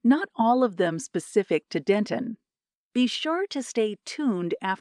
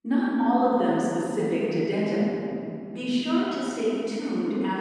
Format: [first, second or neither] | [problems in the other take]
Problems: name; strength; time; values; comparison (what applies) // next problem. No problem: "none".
first | room echo; strong; dies away in 3 s // off-mic speech; far